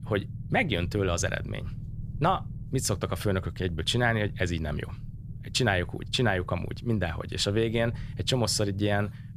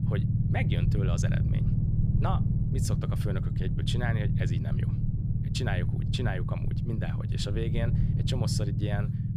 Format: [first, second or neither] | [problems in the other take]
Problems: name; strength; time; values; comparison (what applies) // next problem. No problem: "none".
first | low rumble; loud; throughout; 2 dB below the speech; faint in the first